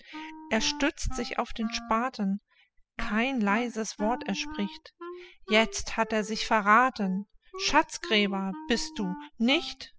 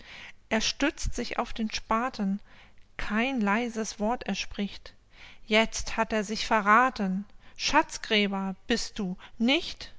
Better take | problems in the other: second | noise reduction (classical method spectral subtraction)

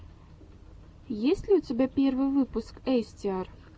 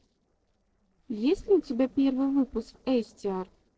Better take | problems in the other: first | noise reduction (neural separator model SepFormer DNS4)

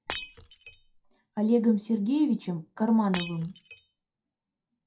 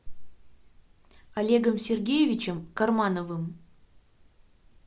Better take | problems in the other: second | noise reduction (classical method WPE with log-MMSE)

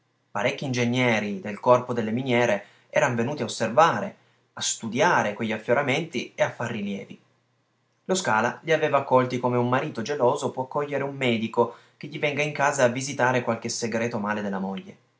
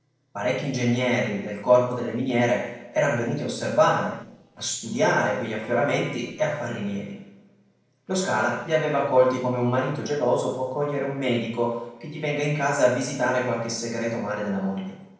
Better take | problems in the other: first | noise reduction (neural separator model SepFormer DNS4)

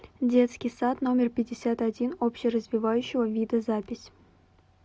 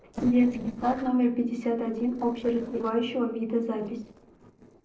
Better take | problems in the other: first | noise reduction (neural separator model SepFormer DNS4)

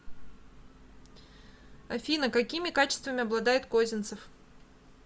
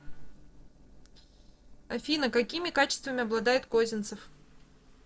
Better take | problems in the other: first | noise reduction (neural separator model SepFormer DNS4)

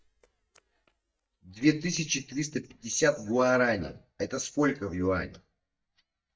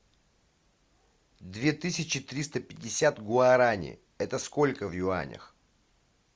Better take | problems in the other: second | noise reduction (neural mask model DeepFilterNet 3)

